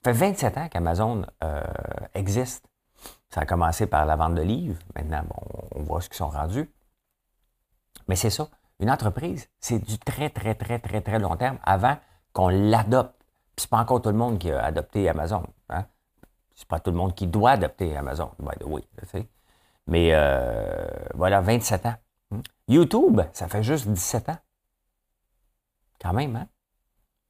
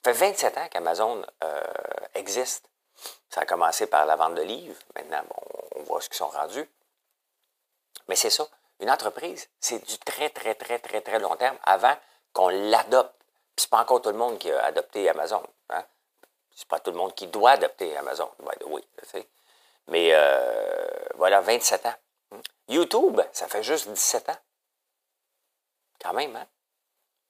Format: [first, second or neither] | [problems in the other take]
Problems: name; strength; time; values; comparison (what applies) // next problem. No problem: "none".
first | thin; very; fading below 450 Hz